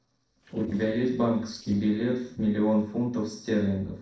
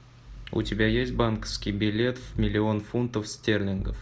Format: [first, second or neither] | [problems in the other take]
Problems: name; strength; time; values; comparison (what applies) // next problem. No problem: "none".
second | noise reduction (neural separator model SepFormer DNS4)